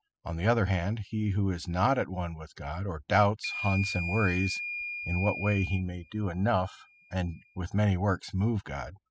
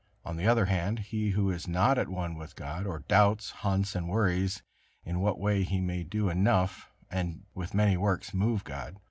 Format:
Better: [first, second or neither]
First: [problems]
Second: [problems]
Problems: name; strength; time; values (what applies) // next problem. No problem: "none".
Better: second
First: noise reduction (classical method spectral subtraction)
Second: none